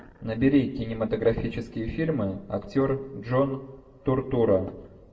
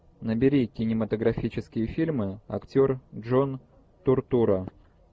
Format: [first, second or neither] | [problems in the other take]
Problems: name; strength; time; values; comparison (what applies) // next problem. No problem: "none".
second | room echo; dies away in 0.6 s